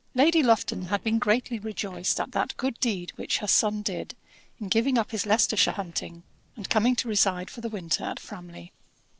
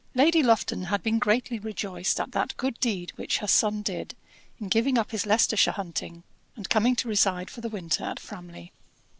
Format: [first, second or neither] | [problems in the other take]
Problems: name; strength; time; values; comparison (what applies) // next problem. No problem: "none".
second | noise reduction (neural separator model SepFormer DNS4)